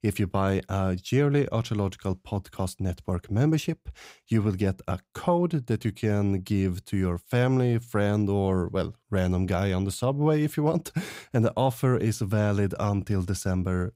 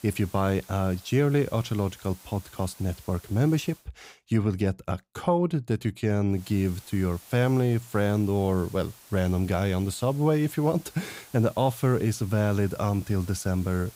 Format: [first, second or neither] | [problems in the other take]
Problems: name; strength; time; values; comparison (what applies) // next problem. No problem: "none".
first | hiss; faint; until 4 s and from 6.5 s on; 20 dB below the speech